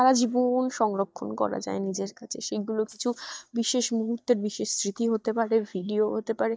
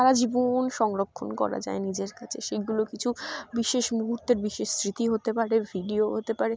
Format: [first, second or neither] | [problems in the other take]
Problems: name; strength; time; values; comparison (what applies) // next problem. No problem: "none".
second | noise reduction (neural mask model DeepFilterNet 3)